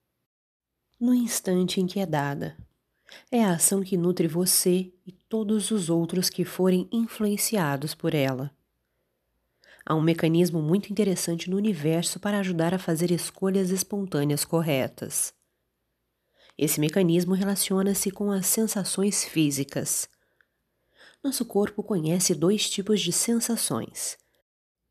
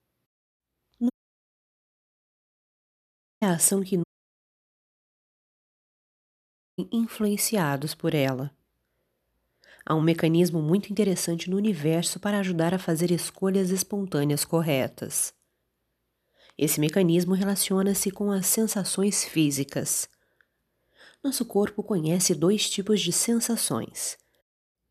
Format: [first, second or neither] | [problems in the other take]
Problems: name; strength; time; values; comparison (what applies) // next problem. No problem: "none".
first | audio cutting out; at 1 s for 2.5 s and at 4 s for 2.5 s